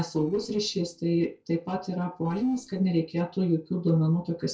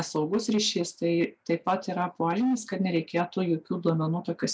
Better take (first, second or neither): second